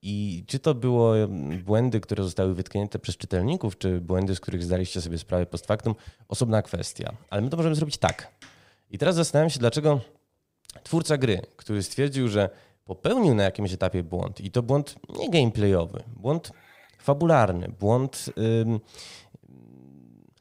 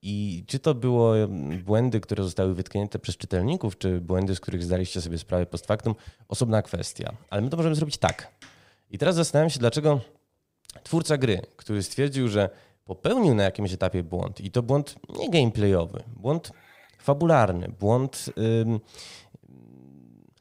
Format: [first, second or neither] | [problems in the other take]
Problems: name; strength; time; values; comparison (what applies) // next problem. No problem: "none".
neither | none